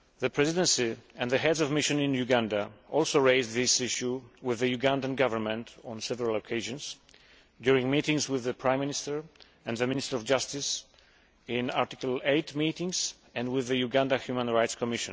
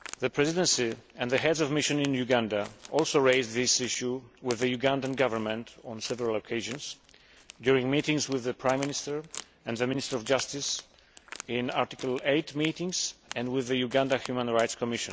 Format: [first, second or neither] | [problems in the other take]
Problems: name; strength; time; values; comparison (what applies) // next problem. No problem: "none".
first | background sound (Crack); 19 dB below the speech